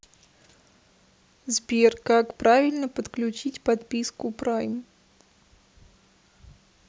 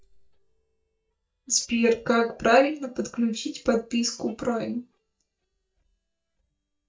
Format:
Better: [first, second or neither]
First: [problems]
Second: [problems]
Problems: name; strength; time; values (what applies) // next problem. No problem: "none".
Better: first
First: none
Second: noise reduction (neural mask model DeepFilterNet 3)